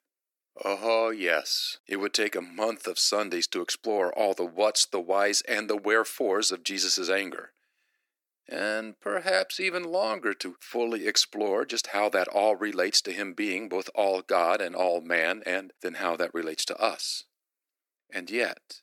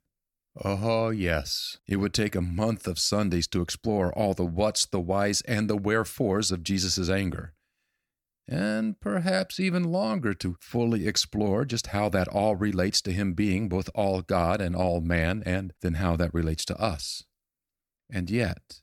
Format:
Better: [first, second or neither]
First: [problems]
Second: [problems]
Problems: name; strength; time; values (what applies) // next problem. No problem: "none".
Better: second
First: thin; very; fading below 300 Hz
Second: none